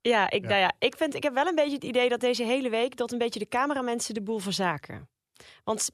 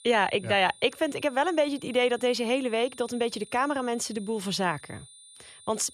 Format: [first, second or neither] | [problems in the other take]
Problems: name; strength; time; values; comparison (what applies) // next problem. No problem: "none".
first | high-pitched whine; faint; throughout; 9.5 kHz, 20 dB below the speech